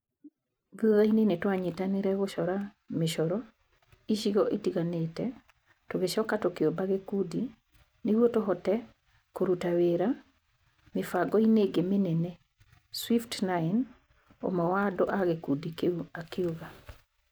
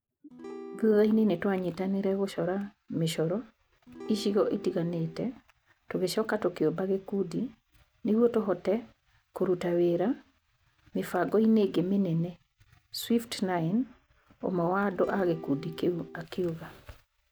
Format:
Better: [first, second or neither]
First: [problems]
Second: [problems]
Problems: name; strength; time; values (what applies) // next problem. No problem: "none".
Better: first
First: none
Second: background sound (Acoustic guitar / Strum); 14 dB below the speech